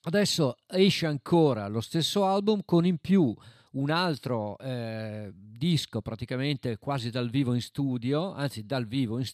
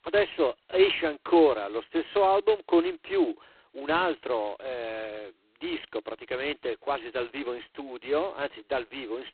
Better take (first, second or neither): first